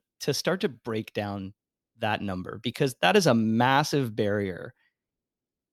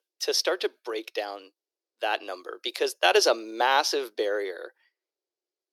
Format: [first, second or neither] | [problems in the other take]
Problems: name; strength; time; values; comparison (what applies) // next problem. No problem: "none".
first | thin; very; fading below 350 Hz